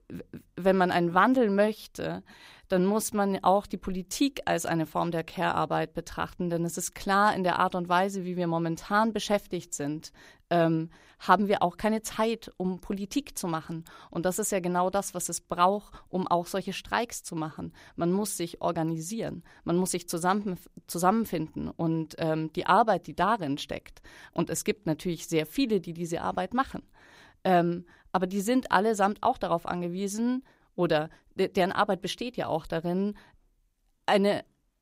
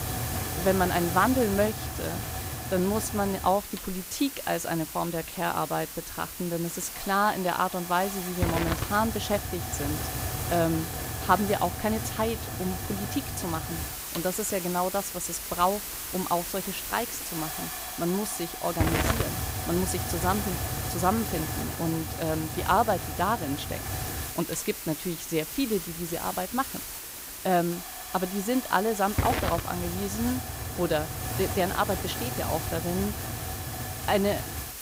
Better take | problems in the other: first | hiss; loud; throughout; 4 dB below the speech

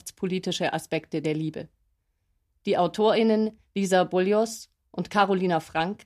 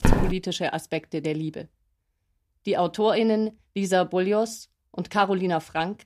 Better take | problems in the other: first | footsteps; loud; at the start; peak 2 dB above the speech

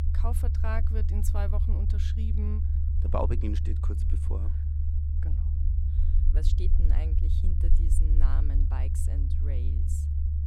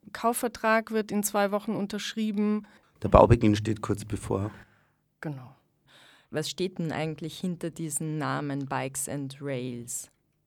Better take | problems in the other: second | low rumble; loud; throughout; 4 dB below the speech

